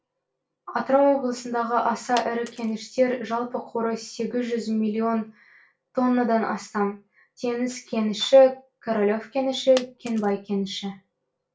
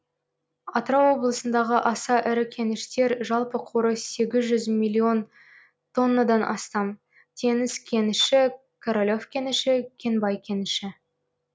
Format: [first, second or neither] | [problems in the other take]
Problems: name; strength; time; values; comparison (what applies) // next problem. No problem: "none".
second | background sound (Coin (dropping)); 18 dB below the speech // room echo; dies away in 0.2 s